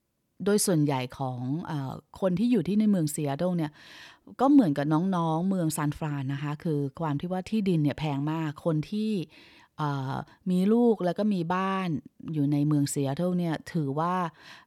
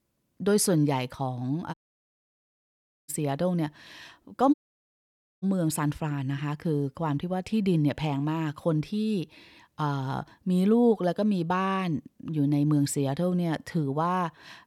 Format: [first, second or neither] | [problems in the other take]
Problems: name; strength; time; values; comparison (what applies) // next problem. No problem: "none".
first | audio cutting out; at 1.5 s for 1.5 s and at 4.5 s for 1 s